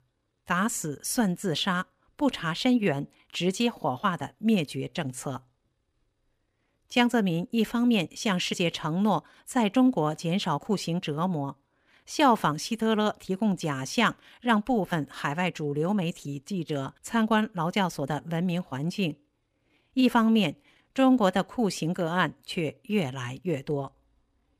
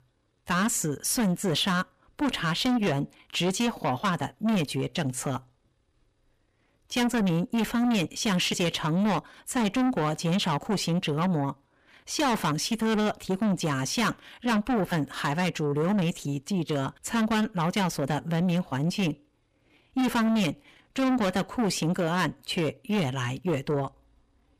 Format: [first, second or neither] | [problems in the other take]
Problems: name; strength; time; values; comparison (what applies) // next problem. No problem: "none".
first | distortion; heavy; 7 dB below the speech